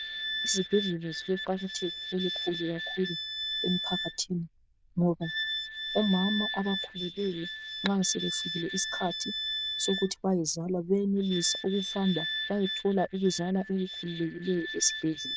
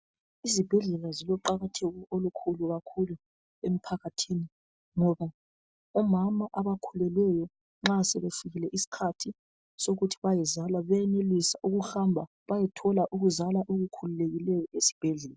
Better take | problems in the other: second | noise reduction (neural diffusion model UNIVERSE++)

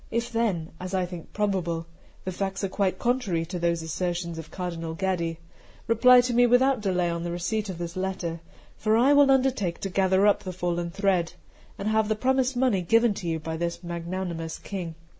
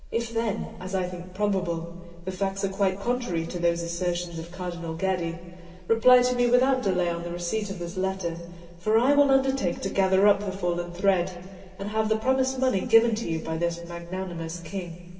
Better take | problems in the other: first | room echo; dies away in 1.8 s

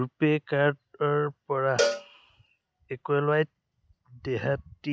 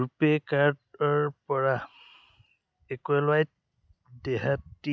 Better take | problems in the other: second | background sound (Cowbell); 5 dB below the speech

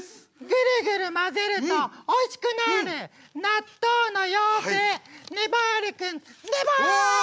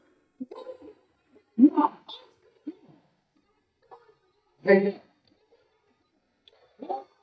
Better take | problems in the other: first | noise reduction (neural mask model DeepFilterNet 3)

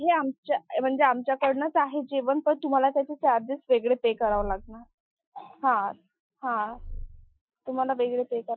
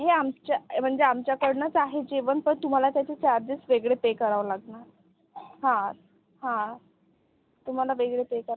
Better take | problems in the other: second | noise reduction (classical method Wiener filter)

